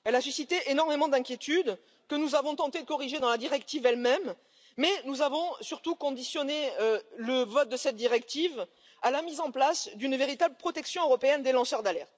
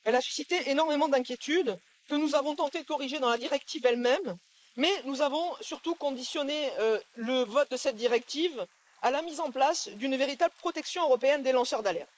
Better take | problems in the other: first | noise reduction (neural mask model Resemble Enhance denoiser)

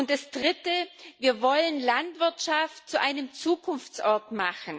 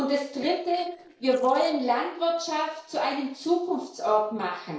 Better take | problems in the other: first | noise reduction (neural separator model SepFormer DNS4)

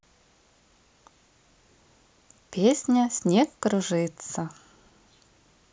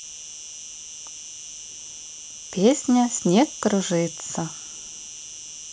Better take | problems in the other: first | background sound (Insect); 12 dB below the speech

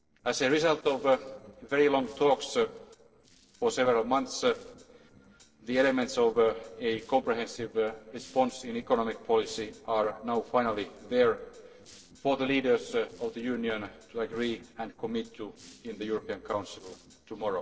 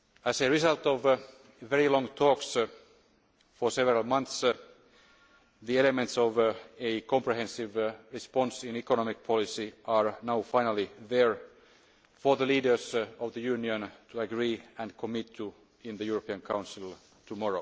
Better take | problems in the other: second | noise reduction (neural separator model SepFormer DNS4)

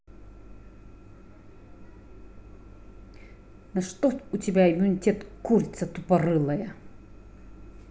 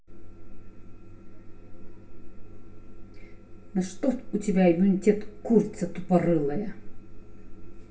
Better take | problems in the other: first | room echo; dies away in 0.2 s

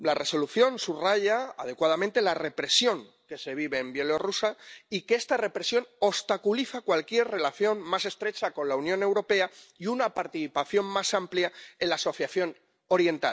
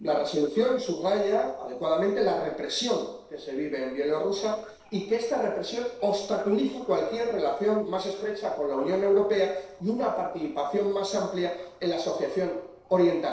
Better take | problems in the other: first | noise reduction (neural separator model SepFormer DNS4)

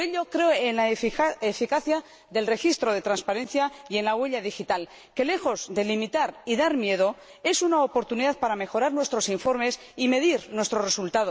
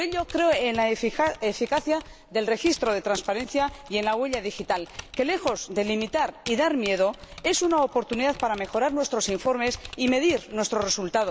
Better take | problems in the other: first | background sound (Typing); 18 dB below the speech

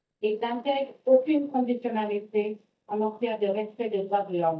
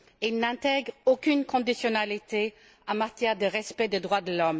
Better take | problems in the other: second | noise reduction (neural mask model DeepFilterNet 3)

